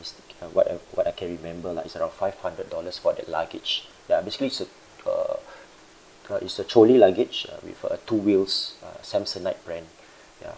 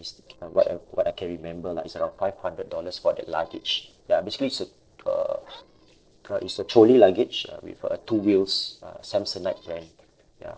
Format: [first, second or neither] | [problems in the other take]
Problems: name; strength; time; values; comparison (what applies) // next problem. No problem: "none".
first | noise reduction (neural separator model SepFormer DNS4)